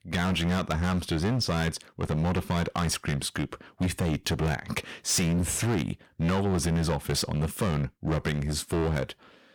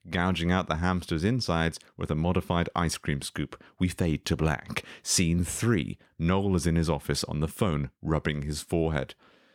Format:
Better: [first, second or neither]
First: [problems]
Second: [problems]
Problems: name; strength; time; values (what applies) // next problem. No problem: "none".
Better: second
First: distortion; heavy; 17% of the sound clipped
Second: none